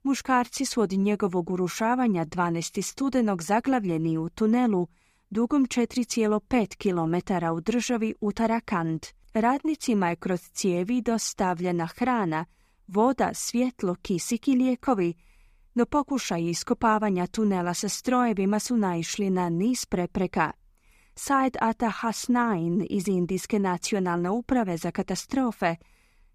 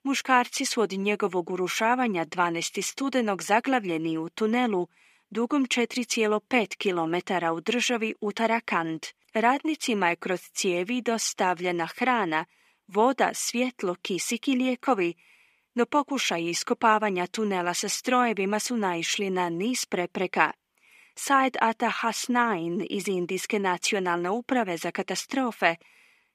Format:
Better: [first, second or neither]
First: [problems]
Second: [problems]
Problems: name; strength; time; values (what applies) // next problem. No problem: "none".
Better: first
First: none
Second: thin; very slightly; fading below 300 Hz